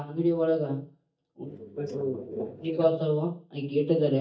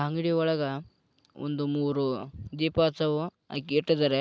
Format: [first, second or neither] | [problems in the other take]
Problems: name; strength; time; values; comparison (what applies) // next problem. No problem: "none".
second | noise reduction (neural mask model DeepFilterNet 3)